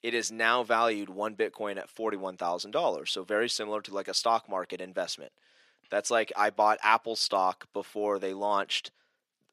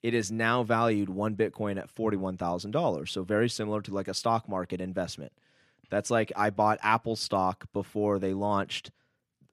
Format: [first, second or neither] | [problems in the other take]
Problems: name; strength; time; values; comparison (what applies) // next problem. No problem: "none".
second | thin; somewhat; fading below 450 Hz